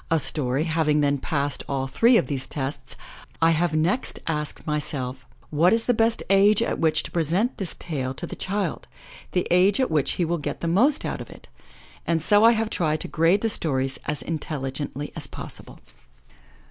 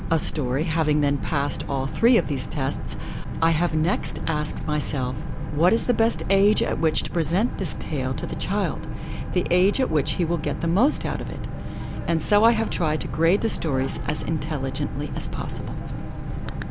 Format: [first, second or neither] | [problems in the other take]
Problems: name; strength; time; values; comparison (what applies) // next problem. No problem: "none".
first | background sound (Boat, Water vehicle); 4 dB below the speech